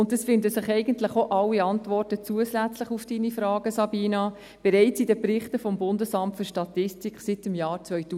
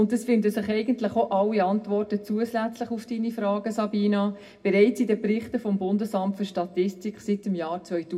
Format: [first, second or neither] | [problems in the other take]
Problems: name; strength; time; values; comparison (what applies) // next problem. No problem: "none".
first | room echo; dies away in 0.2 s